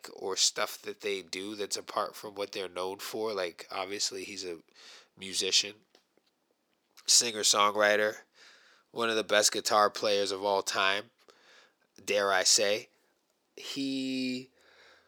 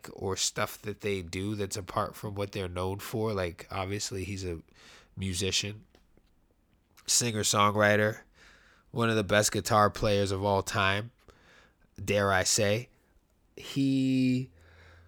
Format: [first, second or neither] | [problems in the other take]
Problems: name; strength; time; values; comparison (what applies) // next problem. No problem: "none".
second | thin; somewhat; fading below 400 Hz